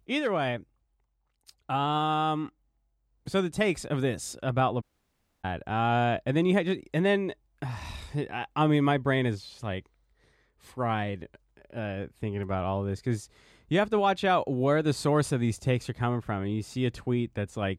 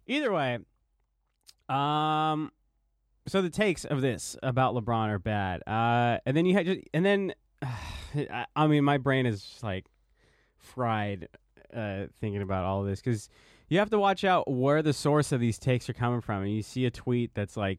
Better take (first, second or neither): second